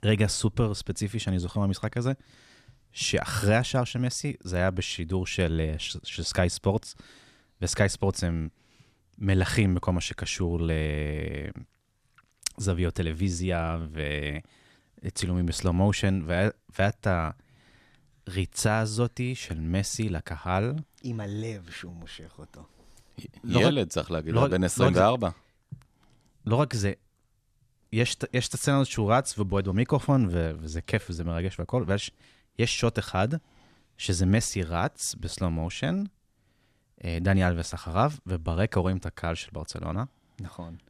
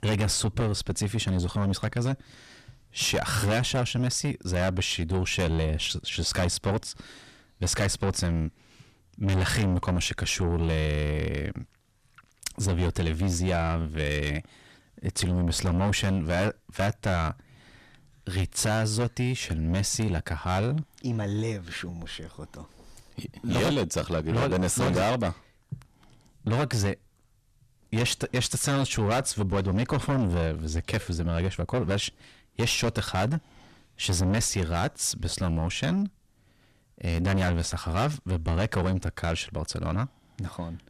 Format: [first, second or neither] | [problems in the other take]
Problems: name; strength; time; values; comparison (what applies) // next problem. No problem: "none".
first | distortion; heavy; 6 dB below the speech